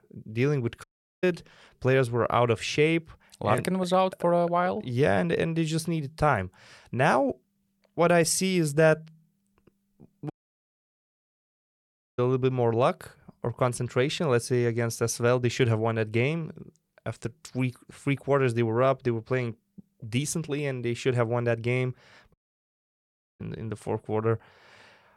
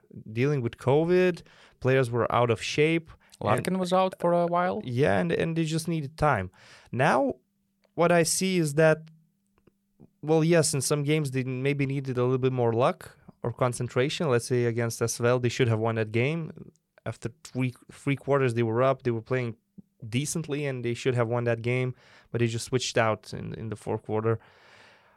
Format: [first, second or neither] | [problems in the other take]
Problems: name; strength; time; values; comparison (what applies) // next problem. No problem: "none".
second | audio cutting out; at 1 s, at 10 s for 2 s and at 22 s for 1 s